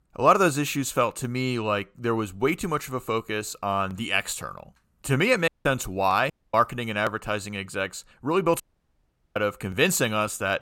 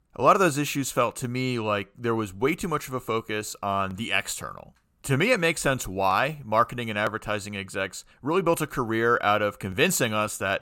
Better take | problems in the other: second | audio cutting out; at 5.5 s, at 6.5 s and at 8.5 s for 1 s

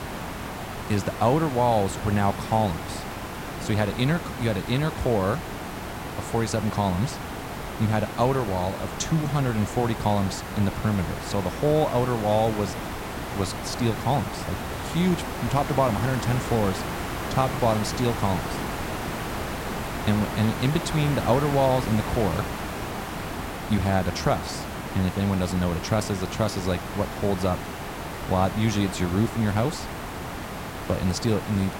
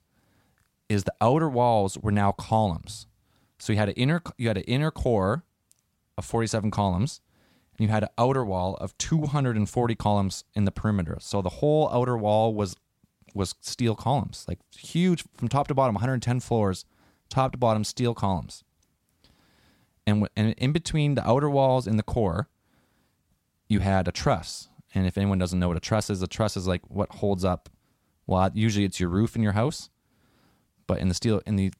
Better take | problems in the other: second | hiss; loud; throughout; 7 dB below the speech

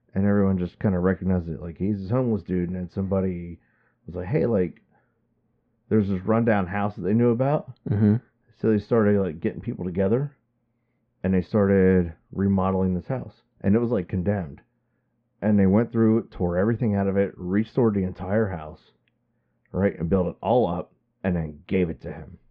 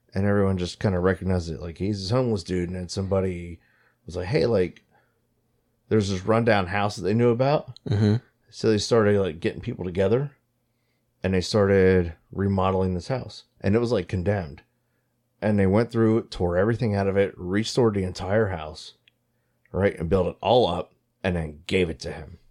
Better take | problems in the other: second | muffled; very; fading above 2 kHz

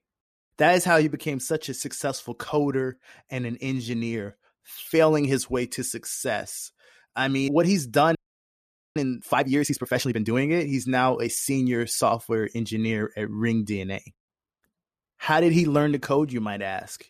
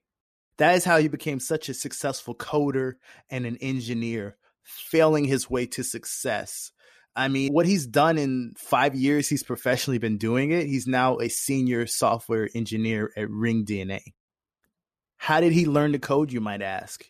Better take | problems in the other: second | audio freezing; at 8 s for 1 s

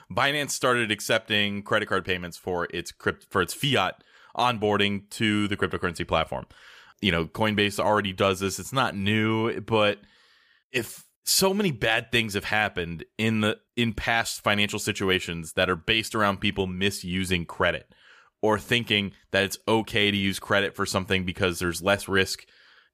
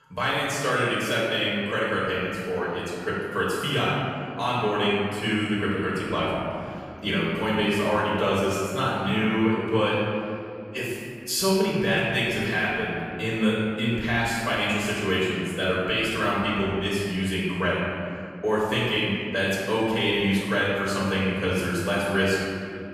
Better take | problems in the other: first | room echo; strong; dies away in 2.4 s // off-mic speech; far

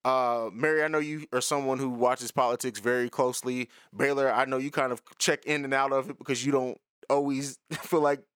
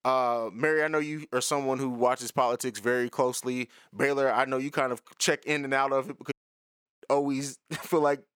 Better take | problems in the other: first | audio cutting out; at 6.5 s for 0.5 s

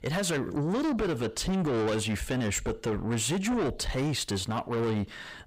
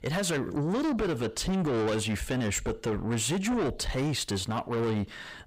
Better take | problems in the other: neither | distortion; heavy; 7 dB below the speech; the same in both

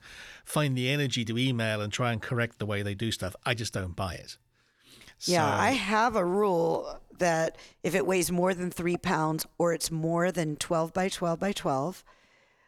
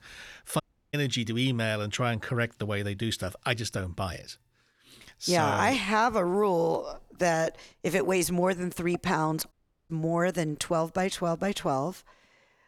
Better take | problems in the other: first | audio cutting out; at 0.5 s and at 9.5 s

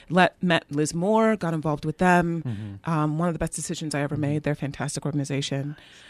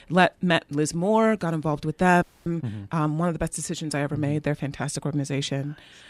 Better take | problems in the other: first | audio freezing; at 2 s

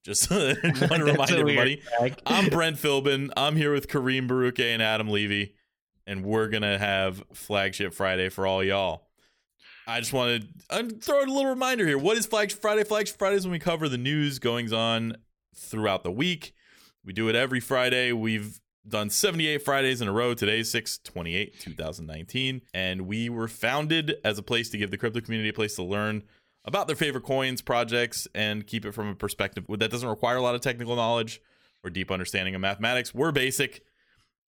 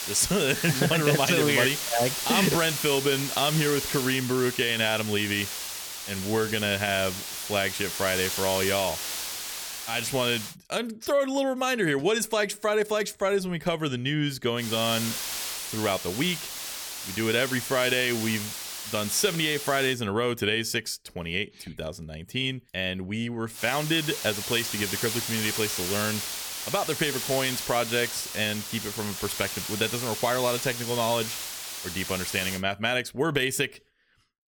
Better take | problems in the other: first | hiss; loud; until 11 s, from 15 to 20 s and from 24 to 33 s; 5 dB below the speech

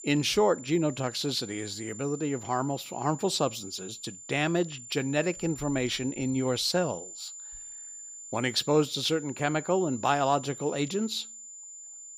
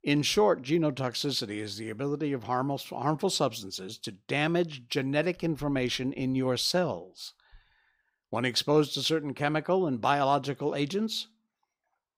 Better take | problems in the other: second | high-pitched whine; noticeable; throughout; 7 kHz, 15 dB below the speech

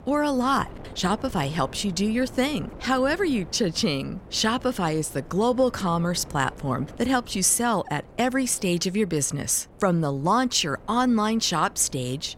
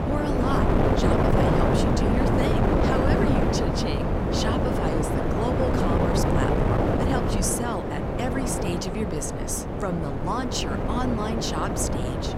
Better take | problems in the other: first | wind noise on the microphone; heavy; 4 dB above the speech; occasional gusts in the first

